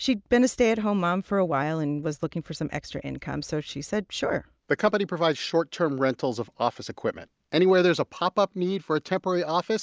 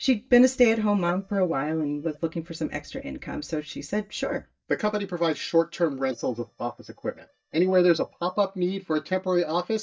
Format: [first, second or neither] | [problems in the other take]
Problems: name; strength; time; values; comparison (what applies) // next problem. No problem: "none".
first | noise reduction (neural mask model DeepFilterNet 3)